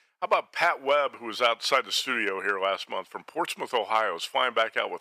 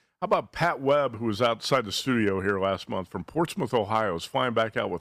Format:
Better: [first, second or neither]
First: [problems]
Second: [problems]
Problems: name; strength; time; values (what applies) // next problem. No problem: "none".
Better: second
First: thin; very; fading below 600 Hz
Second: none